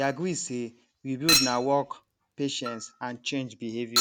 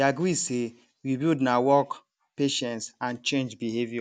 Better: second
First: background sound (Chink, clink); 1 dB below the speech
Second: none

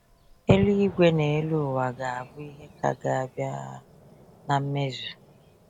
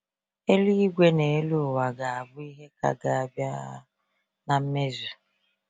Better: second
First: background sound (Fireworks); 10 dB below the speech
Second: none

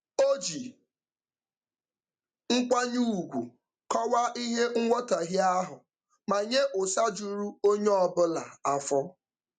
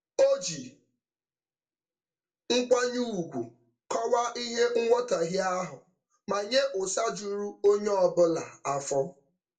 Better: first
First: none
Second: room echo; dies away in 0.2 s

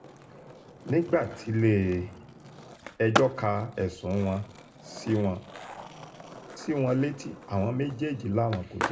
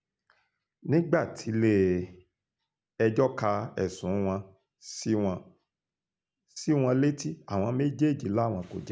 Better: second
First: background sound (Skateboard); 10 dB below the speech // room echo; dies away in 0.2 s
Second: none

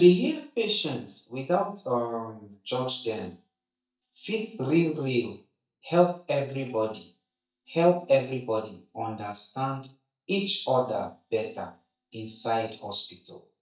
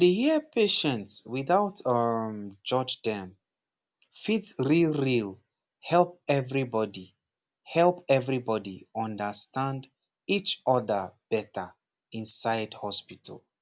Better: second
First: noise reduction (neural mask model DeepFilterNet 3)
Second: none

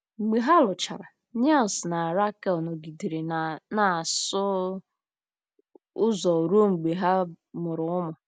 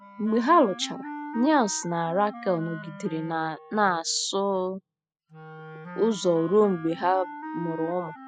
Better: first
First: none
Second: noise reduction (classical method spectral subtraction)

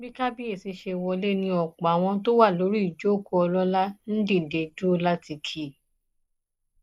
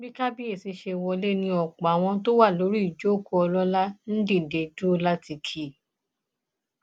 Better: second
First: noise reduction (neural mask model Resemble Enhance denoiser)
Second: none

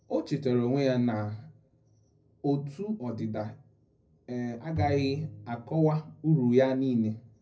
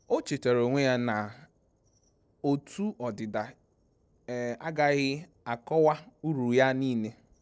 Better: second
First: background sound (Bowed string instrument); 10 dB below the speech // room echo; dies away in 0.4 s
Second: none

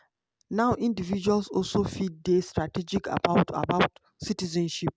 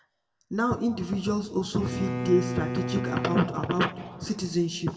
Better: first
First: none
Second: background sound (Bowed string instrument); 6 dB below the speech // room echo; dies away in 1.3 s

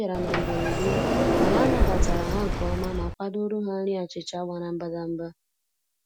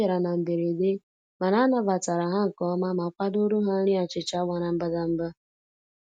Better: second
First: background sound (Sliding door); 3 dB above the speech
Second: none

